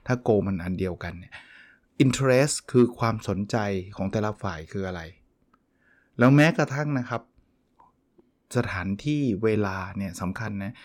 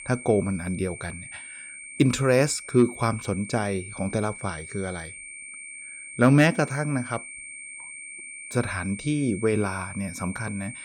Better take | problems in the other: first | high-pitched whine; noticeable; throughout; 2.5 kHz, 15 dB below the speech

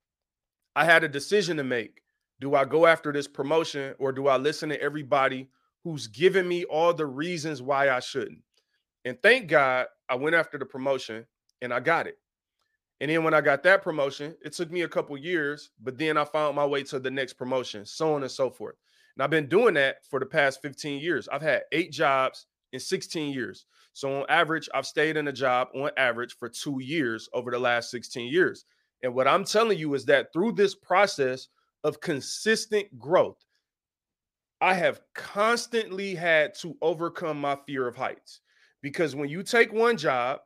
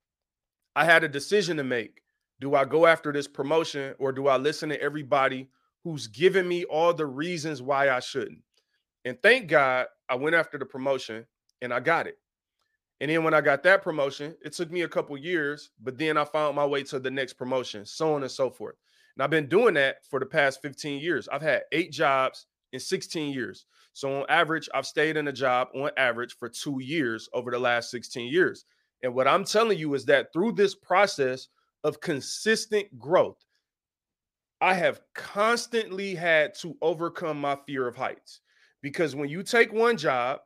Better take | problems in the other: neither | none

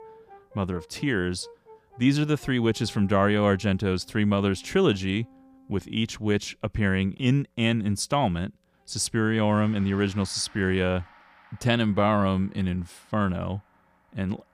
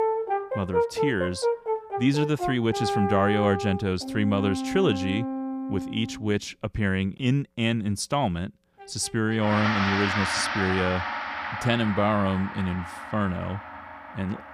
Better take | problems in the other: first | background music; loud; throughout; 3 dB below the speech; faint in the first

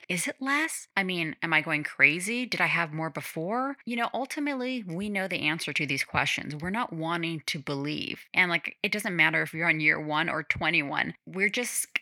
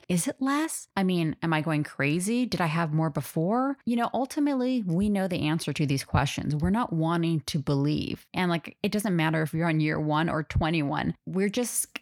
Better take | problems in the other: second | thin; somewhat; fading below 350 Hz

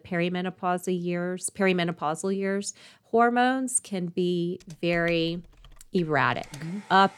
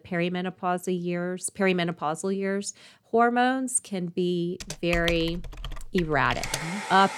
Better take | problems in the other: first | household noises; loud; from 5 s on; 8 dB below the speech; faint in the first

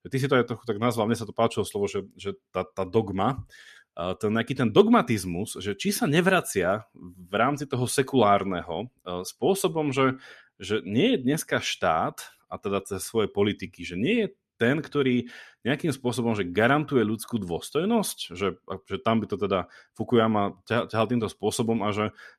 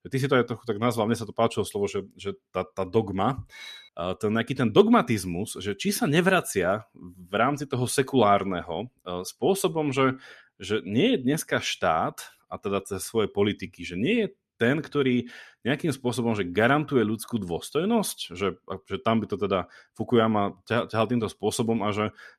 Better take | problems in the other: first | clattering dishes; faint; at 3.5 s; peak 15 dB below the speech

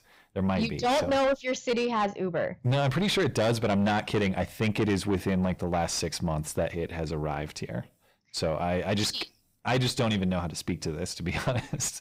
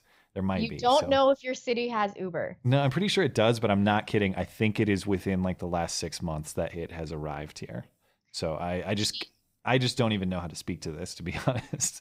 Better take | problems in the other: second | distortion; heavy; 7 dB below the speech

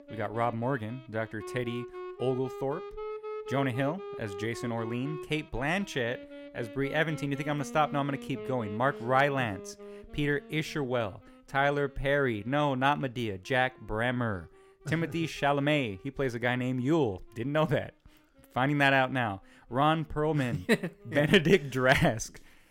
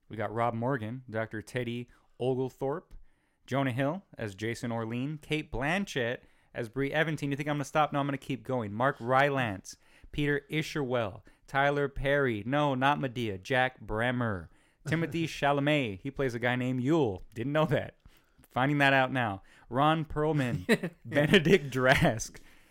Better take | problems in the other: second | background music; noticeable; throughout; 15 dB below the speech

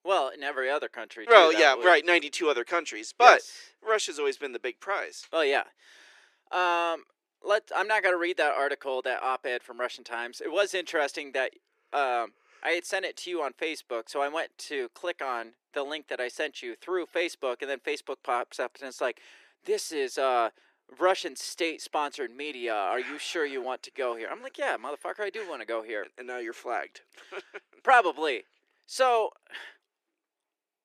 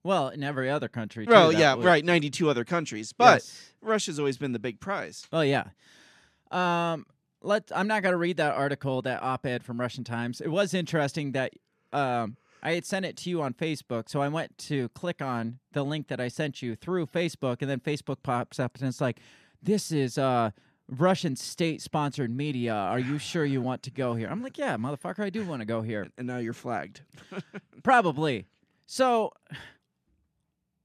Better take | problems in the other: second | thin; very; fading below 350 Hz

